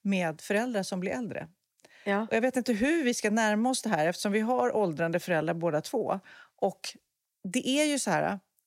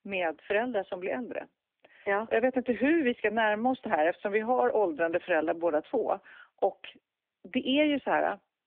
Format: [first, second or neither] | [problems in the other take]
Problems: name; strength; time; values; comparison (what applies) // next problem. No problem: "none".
first | phone-call audio; nothing above 3 kHz